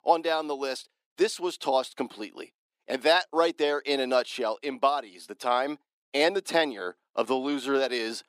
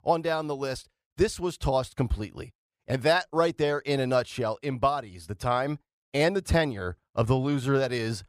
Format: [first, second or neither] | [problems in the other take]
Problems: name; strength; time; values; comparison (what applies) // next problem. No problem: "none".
second | thin; very slightly; fading below 250 Hz